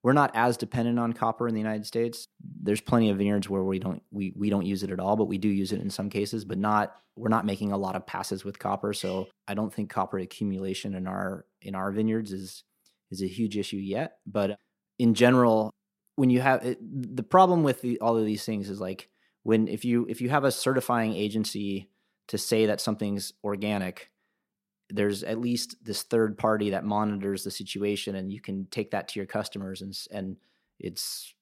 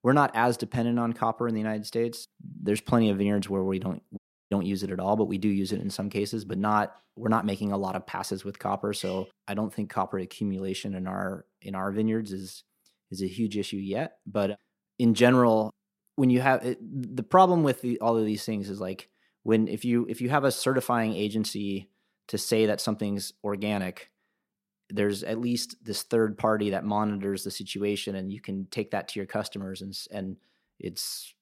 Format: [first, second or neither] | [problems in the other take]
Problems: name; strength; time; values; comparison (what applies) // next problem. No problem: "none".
first | audio cutting out; at 4 s